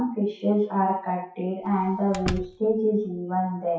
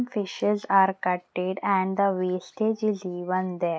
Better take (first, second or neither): second